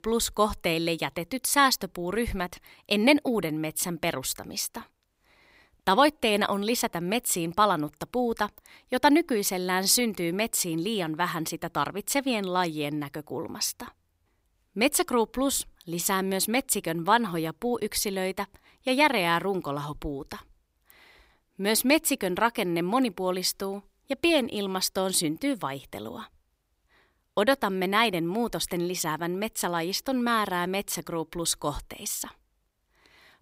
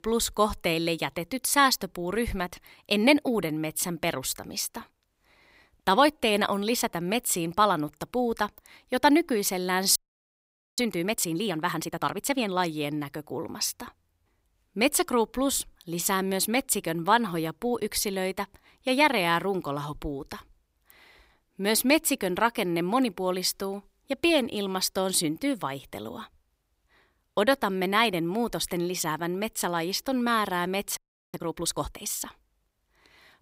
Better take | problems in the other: first | audio freezing; at 10 s for 1 s and at 31 s

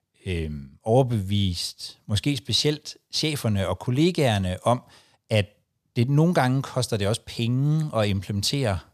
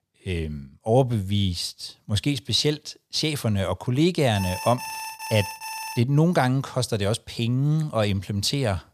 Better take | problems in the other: first | alarm; noticeable; from 4.5 to 6 s; peak 8 dB below the speech

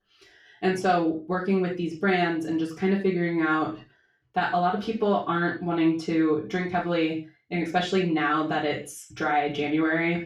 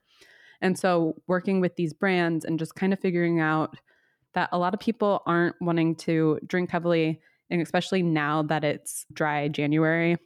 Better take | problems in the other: second | room echo; noticeable; dies away in 0.3 s // off-mic speech; far

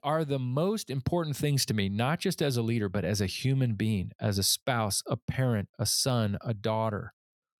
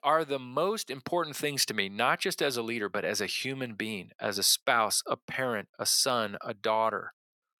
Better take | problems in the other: first | thin; very; fading below 350 Hz

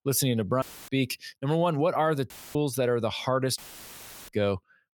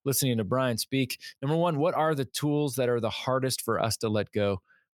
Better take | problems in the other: second | audio cutting out; filled with static; at 0.5 s, at 2.5 s and at 3.5 s for 0.5 s

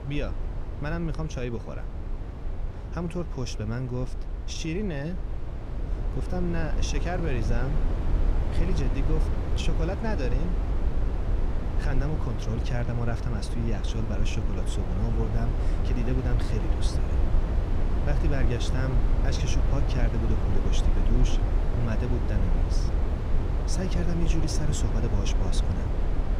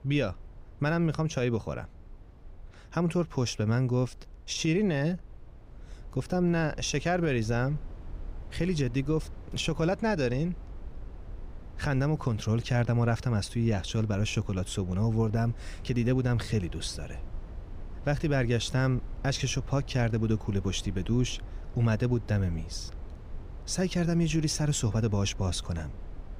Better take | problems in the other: second | low rumble; loud; throughout; 3 dB below the speech; faint in the second

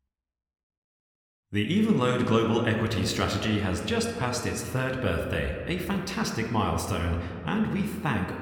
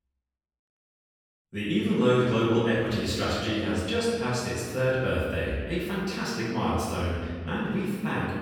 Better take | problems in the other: first | room echo; strong; dies away in 1.5 s; slight in the first // off-mic speech; far

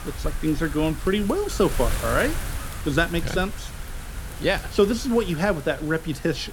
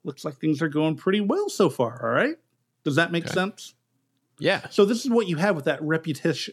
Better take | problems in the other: second | wind noise on the microphone; occasional gusts; 10 dB below the speech

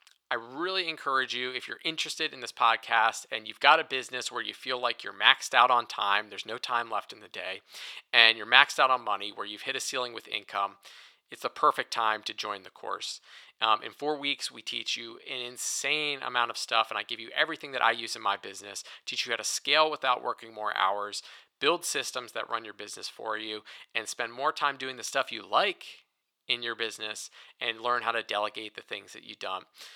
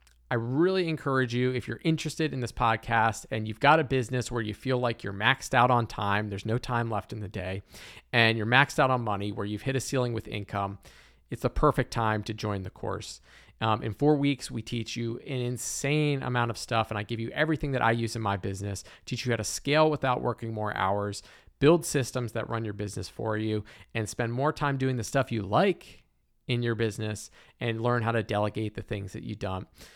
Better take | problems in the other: second | thin; very; fading below 600 Hz

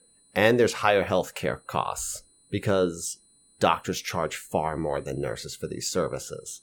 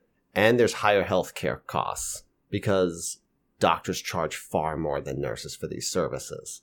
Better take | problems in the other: second | high-pitched whine; faint; throughout; 9.5 kHz, 30 dB below the speech

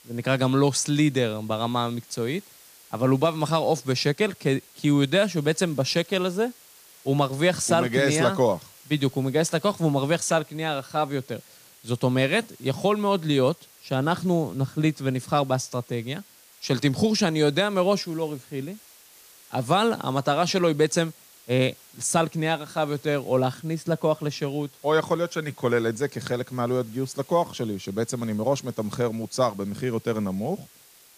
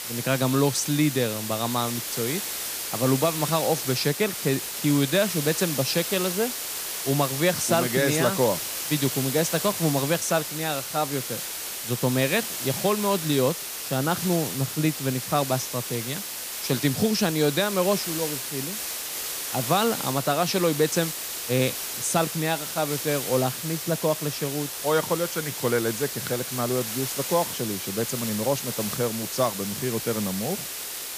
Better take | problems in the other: first | hiss; loud; throughout; 4 dB below the speech; faint in the first

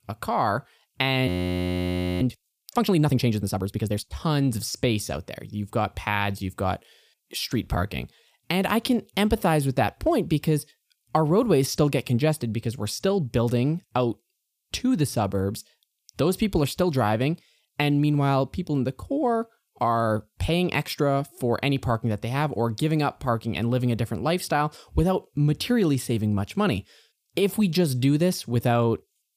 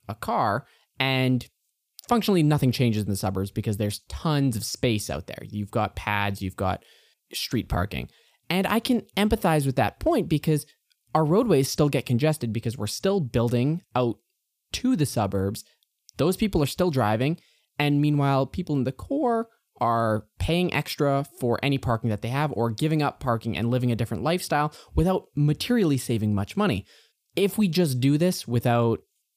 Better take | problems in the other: second | audio freezing; at 1.5 s for 1 s

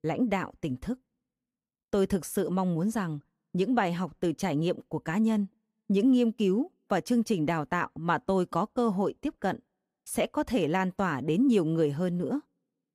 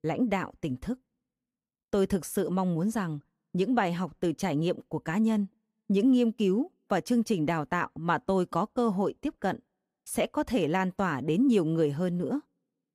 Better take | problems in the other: neither | none

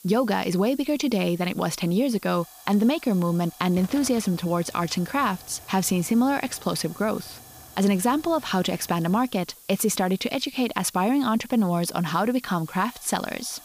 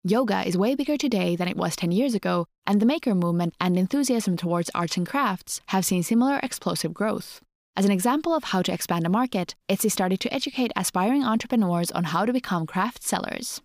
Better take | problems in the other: second | hiss; noticeable; throughout; 20 dB below the speech

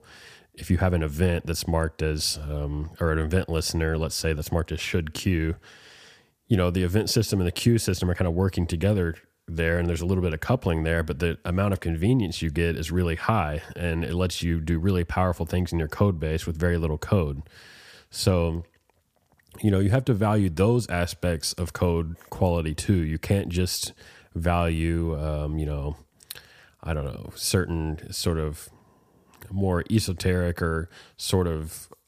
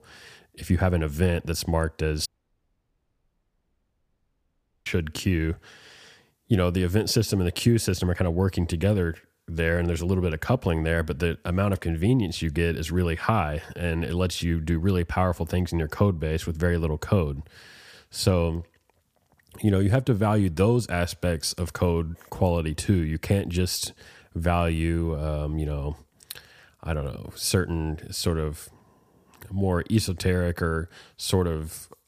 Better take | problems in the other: first | audio cutting out; at 2.5 s for 2.5 s

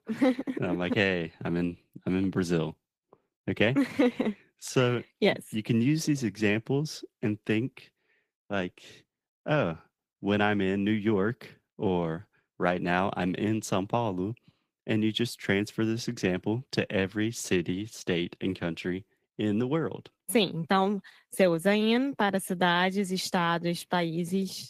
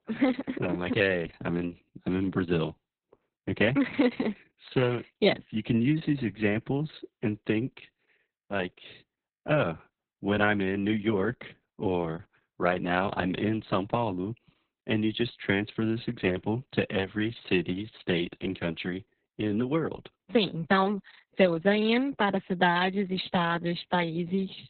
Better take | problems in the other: first | garbled, watery; badly; nothing above 4 kHz; slightly in the first

